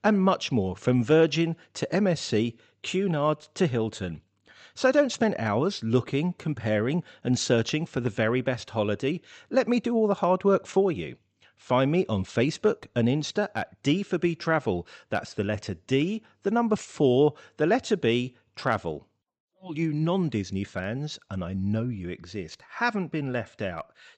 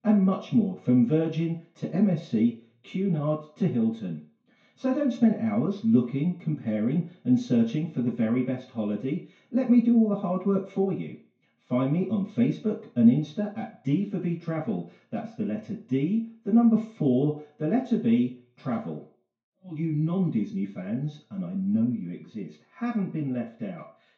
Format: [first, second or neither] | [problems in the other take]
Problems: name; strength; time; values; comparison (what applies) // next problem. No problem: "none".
first | room echo; slight; dies away in 0.4 s // off-mic speech; far